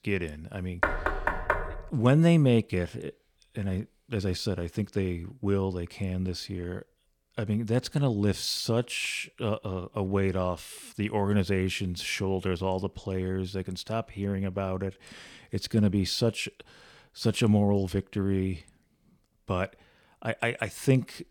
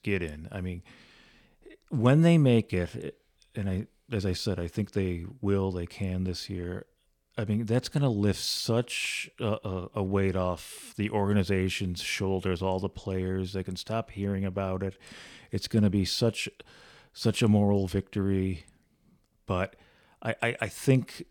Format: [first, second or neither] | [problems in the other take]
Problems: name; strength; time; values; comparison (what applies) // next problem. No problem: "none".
second | door banging; loud; at 1 s; peak 1 dB above the speech